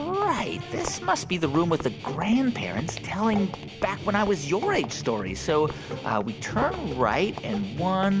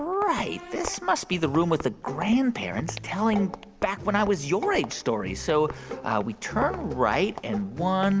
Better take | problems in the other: second | background sound (Guitar); 13 dB below the speech

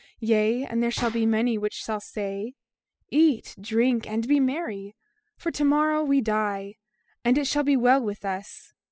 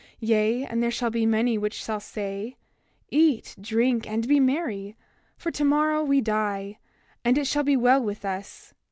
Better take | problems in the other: second | noise reduction (classical method spectral subtraction)

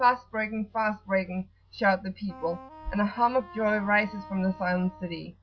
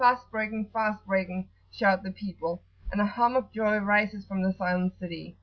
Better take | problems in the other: second | background sound (Wind instrument, woodwind instrument); 18 dB below the speech

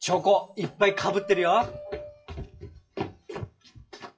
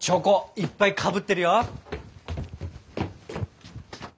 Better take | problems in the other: second | noise reduction (classical method WPE with log-MMSE)

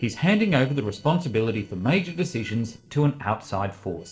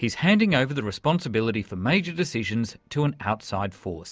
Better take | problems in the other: second | noise reduction (neural separator model SepFormer DNS4)

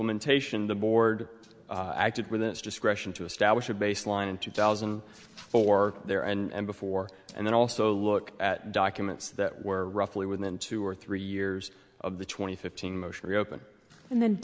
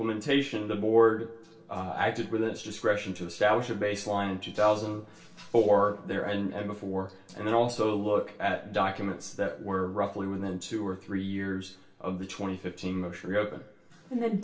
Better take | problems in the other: first | room echo; dies away in 0.3 s

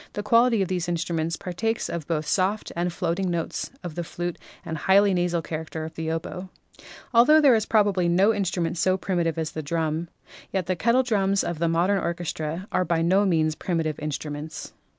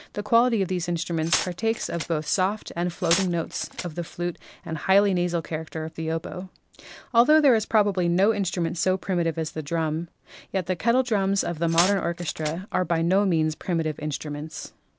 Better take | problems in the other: first | background sound (Glass); 7 dB below the speech

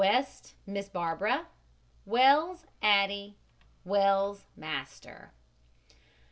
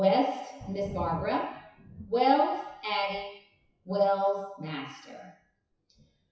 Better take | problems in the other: first | noise reduction (classical method WPE with log-MMSE)

